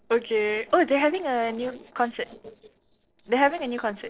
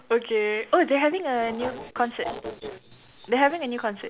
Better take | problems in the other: second | noise reduction (neural separator model SepFormer DNS4)

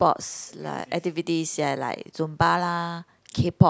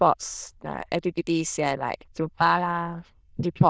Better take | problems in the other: first | noise reduction (neural diffusion model UNIVERSE++)

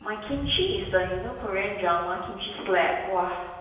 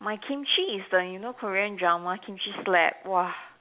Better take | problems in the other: second | background sound (Thunder); 14 dB below the speech // room echo; dies away in 1 s

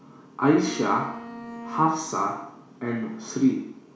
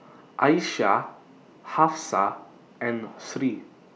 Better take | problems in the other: second | background sound (Bowed string instrument); 13 dB below the speech // room echo; dies away in 0.7 s

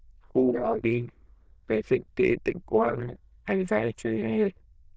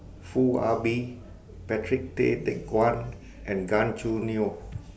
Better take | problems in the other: second | noise reduction (neural diffusion model UNIVERSE++)

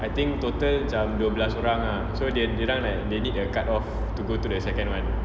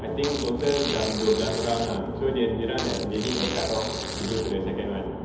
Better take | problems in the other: first | background sound (Fart); 9 dB below the speech // room echo; dies away in 0.8 s

